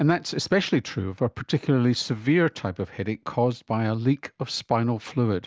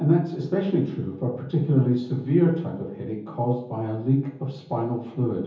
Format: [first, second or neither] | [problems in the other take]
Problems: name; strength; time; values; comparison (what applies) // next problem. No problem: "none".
first | room echo; dies away in 0.7 s